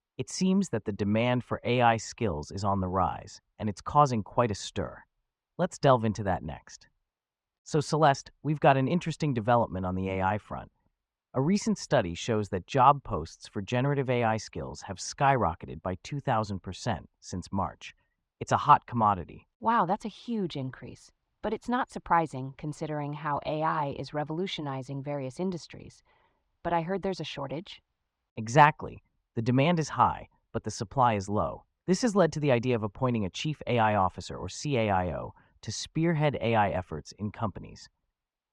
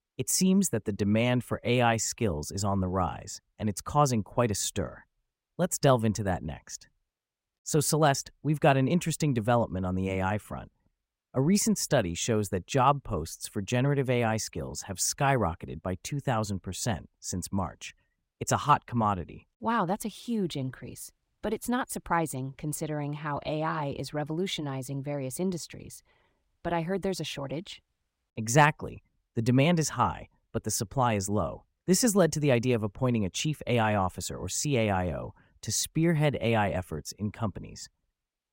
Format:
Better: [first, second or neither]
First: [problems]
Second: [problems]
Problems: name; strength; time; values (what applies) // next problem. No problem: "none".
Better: second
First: muffled; slightly; fading above 5 kHz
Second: none